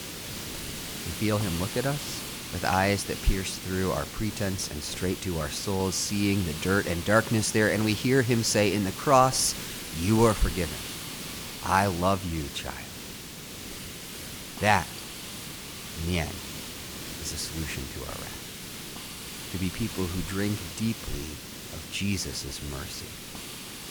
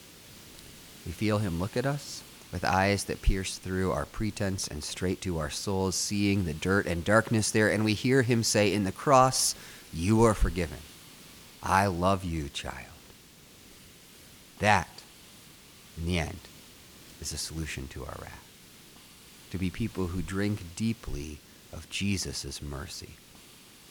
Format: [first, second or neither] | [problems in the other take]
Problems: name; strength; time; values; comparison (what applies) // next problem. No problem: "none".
second | hiss; loud; throughout; 9 dB below the speech; faint in the second